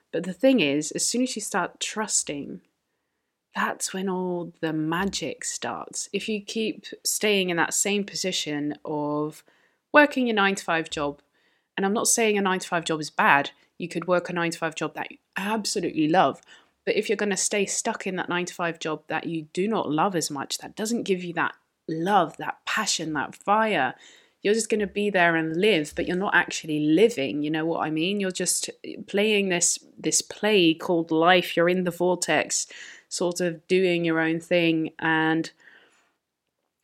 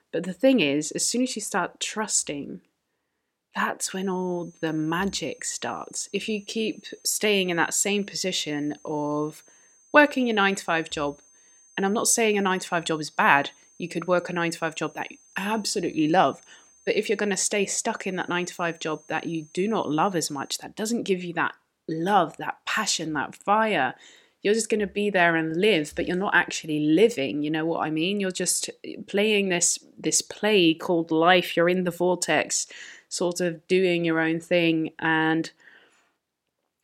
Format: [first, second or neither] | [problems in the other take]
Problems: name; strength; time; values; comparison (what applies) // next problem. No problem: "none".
first | high-pitched whine; faint; from 4 to 21 s; 6.5 kHz, 30 dB below the speech